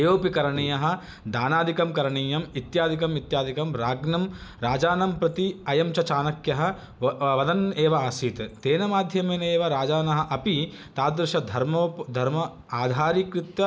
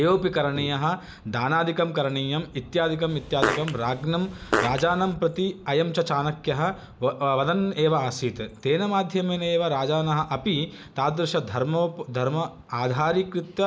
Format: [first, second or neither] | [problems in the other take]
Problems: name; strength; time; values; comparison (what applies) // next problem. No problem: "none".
first | background sound (Fart); 4 dB below the speech